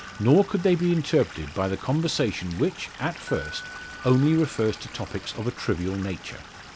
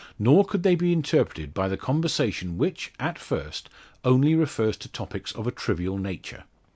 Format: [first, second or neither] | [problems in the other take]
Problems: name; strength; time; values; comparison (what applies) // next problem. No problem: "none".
second | background sound (Door / Bell + Stream / Liquid); 16 dB below the speech